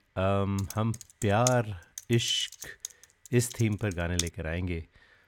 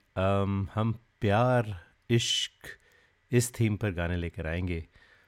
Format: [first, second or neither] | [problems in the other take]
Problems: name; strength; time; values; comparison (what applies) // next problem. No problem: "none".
second | keyboard typing; noticeable; from 0.5 to 4.5 s; peak 3 dB below the speech